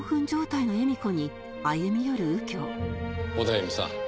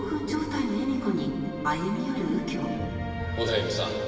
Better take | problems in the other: first | room echo; dies away in 2.6 s

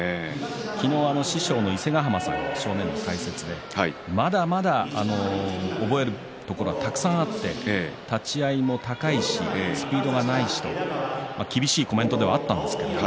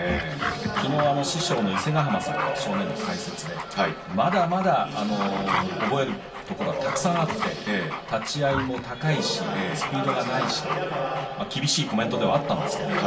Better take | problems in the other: first | background sound (Dog); 8 dB below the speech // room echo; dies away in 0.3 s

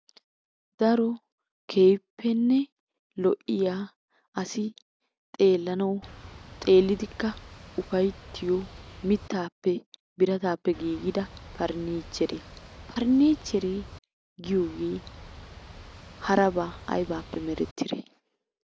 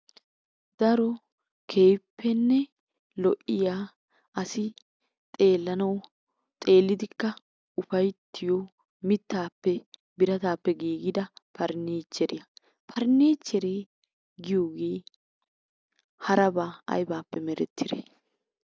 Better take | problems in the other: second | background sound (Boat, Water vehicle); 17 dB below the speech

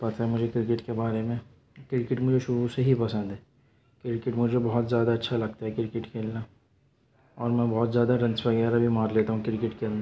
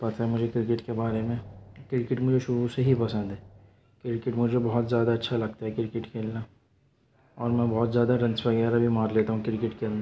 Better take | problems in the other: first | background sound (Drum); 19 dB below the speech

